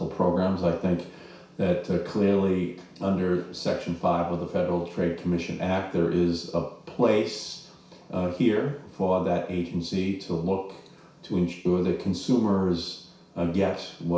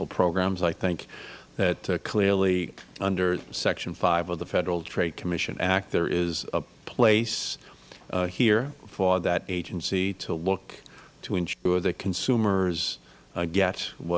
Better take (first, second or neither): second